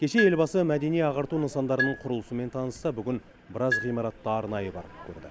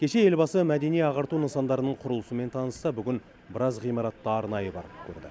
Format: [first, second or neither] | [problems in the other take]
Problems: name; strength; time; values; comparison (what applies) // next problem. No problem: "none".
second | background sound (Marimba, xylophone); 9 dB below the speech